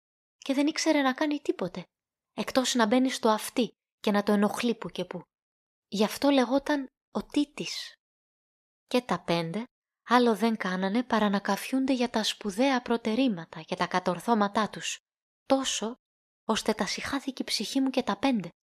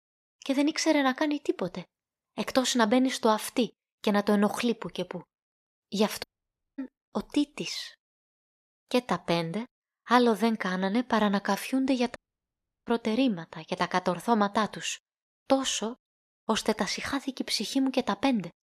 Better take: first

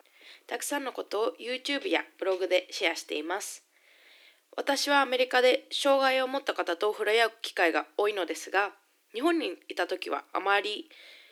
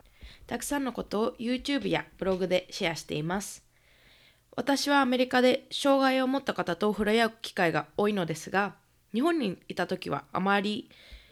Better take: second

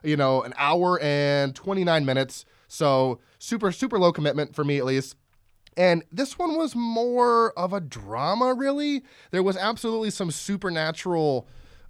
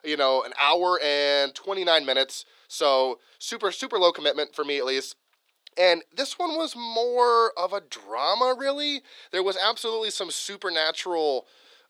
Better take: first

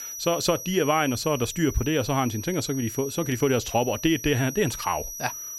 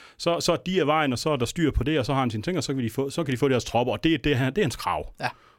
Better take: second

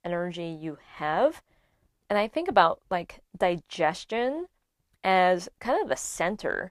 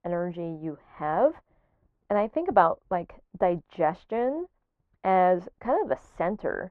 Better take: first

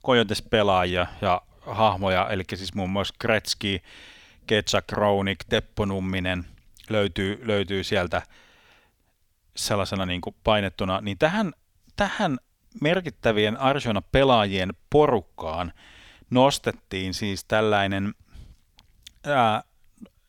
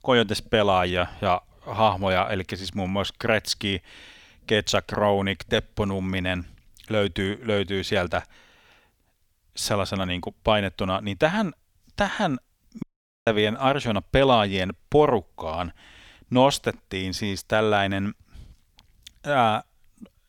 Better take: first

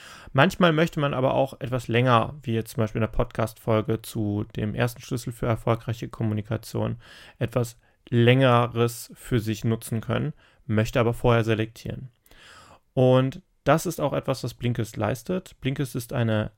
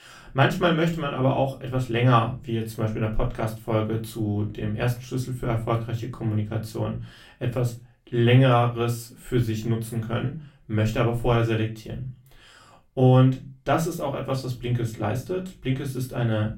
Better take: first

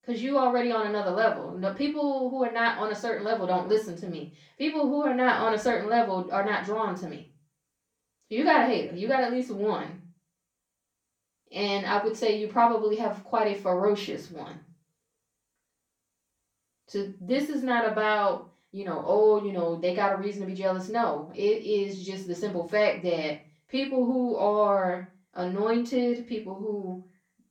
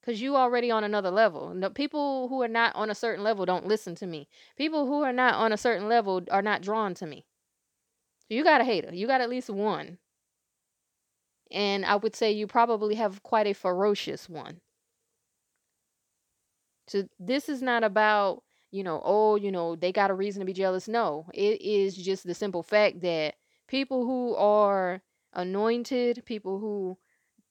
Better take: second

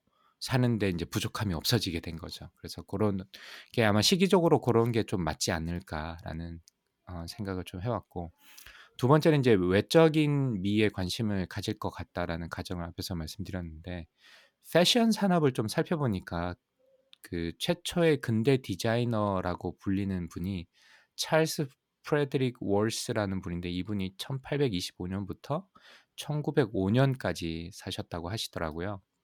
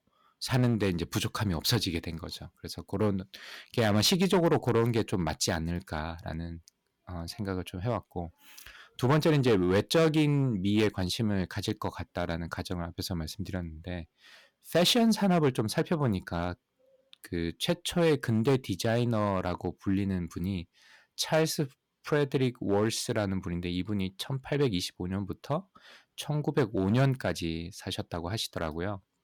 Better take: first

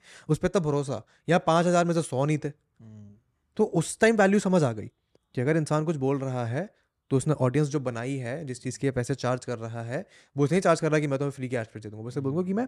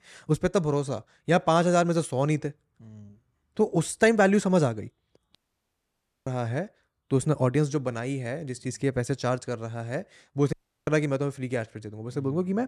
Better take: first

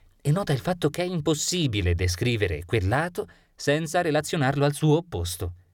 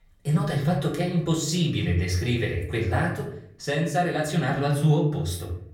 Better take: first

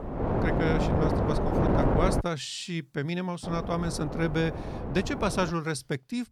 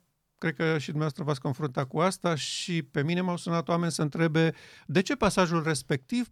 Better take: second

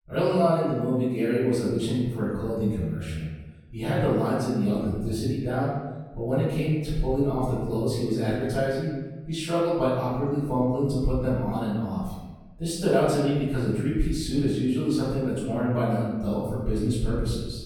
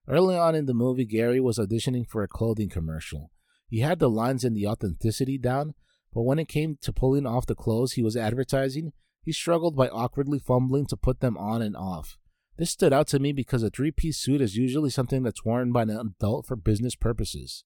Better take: second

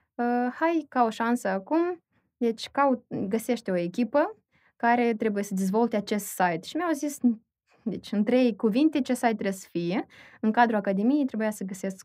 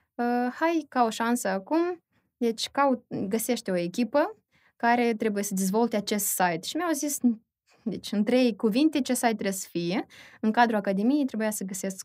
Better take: second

